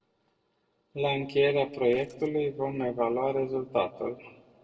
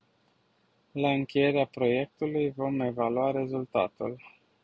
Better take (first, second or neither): second